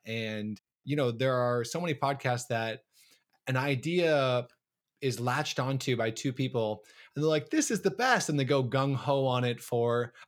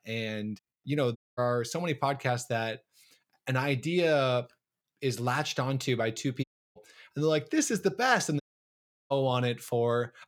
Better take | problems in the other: first | audio cutting out; at 1 s, at 6.5 s and at 8.5 s for 0.5 s

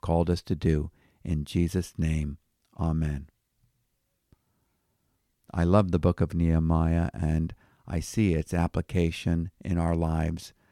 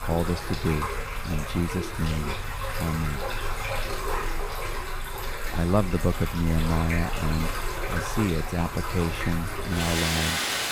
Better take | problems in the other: first | rain or running water; loud; throughout; 2 dB below the speech

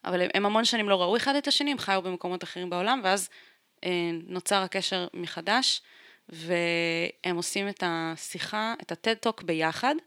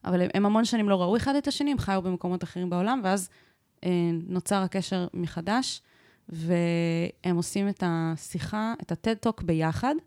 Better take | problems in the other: second | thin; somewhat; fading below 350 Hz

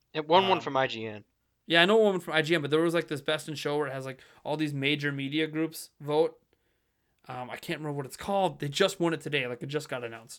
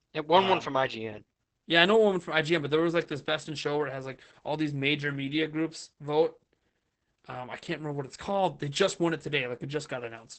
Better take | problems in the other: first | garbled, watery; badly; nothing above 8 kHz

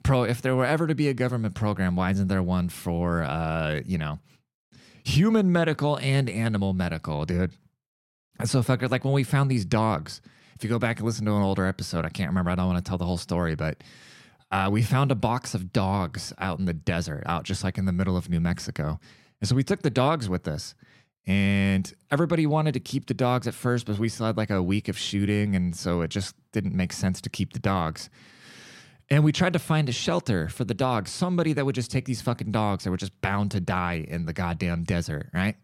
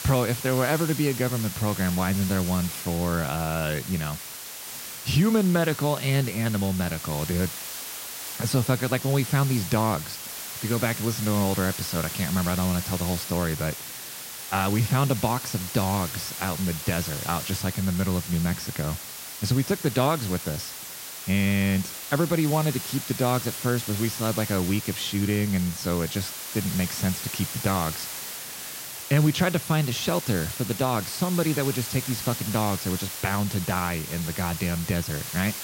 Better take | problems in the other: first | hiss; loud; throughout; 7 dB below the speech

